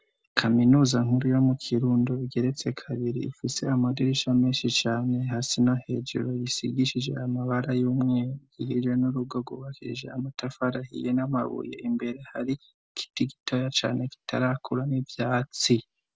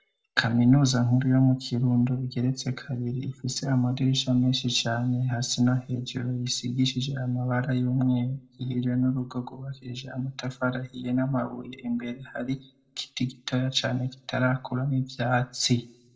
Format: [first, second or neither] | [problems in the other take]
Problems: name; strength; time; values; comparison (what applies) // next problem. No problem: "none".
first | room echo; dies away in 0.3 s